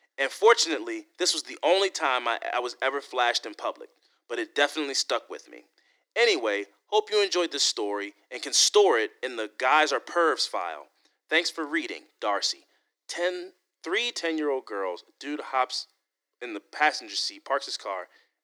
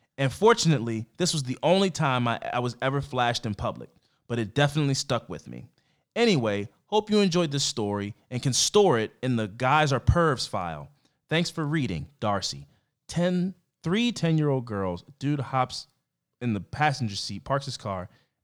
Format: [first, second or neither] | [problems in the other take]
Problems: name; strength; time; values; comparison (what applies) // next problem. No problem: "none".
second | thin; very; fading below 300 Hz